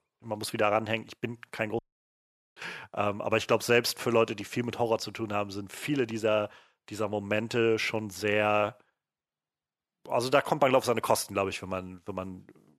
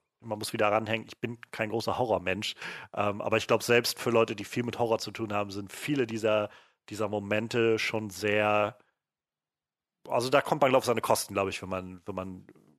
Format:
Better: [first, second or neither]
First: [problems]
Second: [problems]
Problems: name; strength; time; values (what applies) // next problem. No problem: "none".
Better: second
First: audio cutting out; at 2 s for 1 s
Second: none